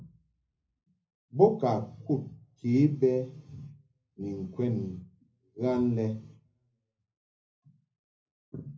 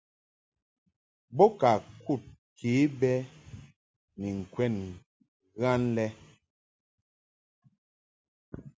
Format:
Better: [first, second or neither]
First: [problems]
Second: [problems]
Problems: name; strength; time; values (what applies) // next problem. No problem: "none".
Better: second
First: room echo; dies away in 0.4 s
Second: none